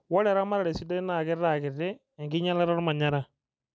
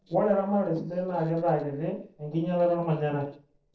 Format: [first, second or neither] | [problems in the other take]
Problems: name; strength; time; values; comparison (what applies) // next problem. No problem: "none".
first | noise reduction (neural separator model SepFormer DNS4)